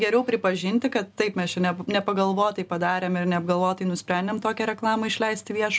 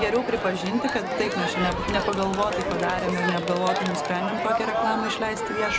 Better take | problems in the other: first | background sound (Crowd); 1 dB below the speech

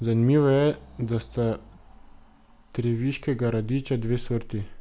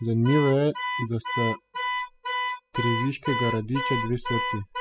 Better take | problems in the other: first | noise reduction (classical method spectral subtraction)

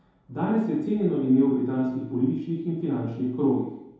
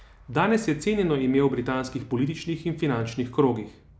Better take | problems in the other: second | room echo; dies away in 0.8 s

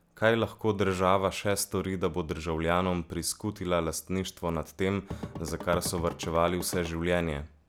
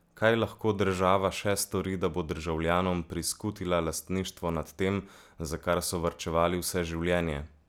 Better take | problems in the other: second | background sound (Drum / Drum kit); 11 dB below the speech

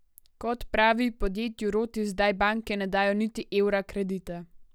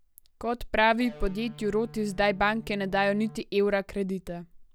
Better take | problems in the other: first | background sound (Electric guitar); 19 dB below the speech

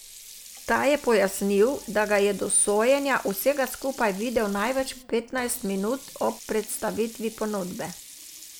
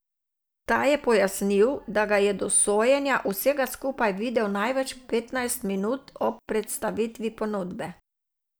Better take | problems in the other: second | background sound (Sink (filling or washing)); 18 dB below the speech

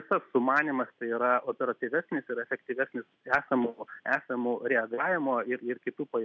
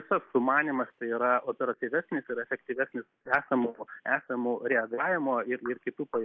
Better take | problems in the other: first | noise reduction (neural mask model Resemble Enhance denoiser)

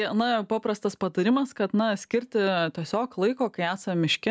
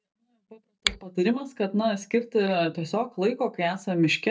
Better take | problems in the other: first | noise reduction (neural mask model DeepFilterNet 3)

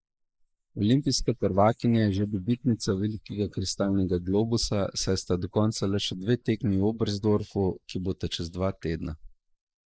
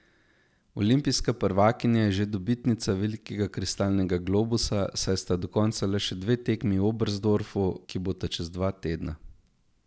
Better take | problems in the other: second | noise reduction (neural mask model Resemble Enhance denoiser)

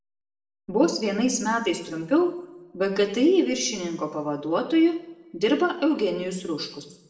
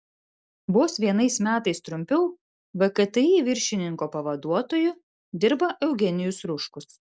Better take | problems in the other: second | room echo; dies away in 0.7 s

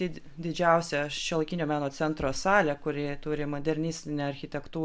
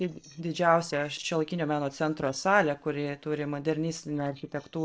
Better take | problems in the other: first | noise reduction (neural separator model SepFormer DNS4)

